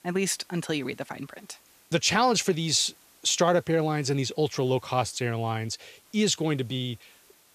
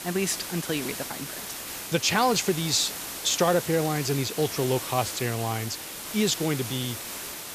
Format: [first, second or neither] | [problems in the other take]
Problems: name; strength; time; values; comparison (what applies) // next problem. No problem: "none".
first | hiss; loud; throughout; 7 dB below the speech; faint in the first